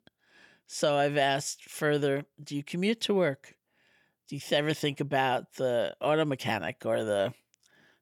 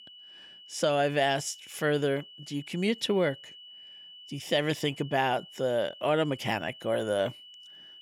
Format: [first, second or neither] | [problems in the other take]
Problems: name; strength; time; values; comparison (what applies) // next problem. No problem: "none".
first | high-pitched whine; noticeable; throughout; 3 kHz, 20 dB below the speech